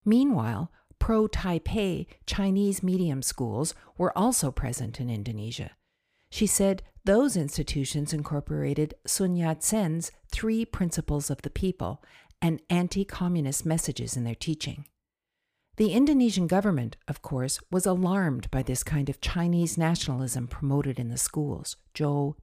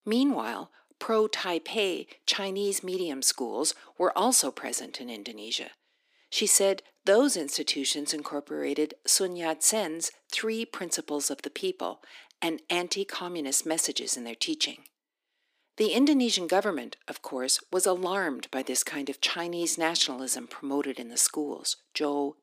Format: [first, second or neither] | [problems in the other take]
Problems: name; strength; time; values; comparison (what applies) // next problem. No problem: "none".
first | thin; somewhat; fading below 250 Hz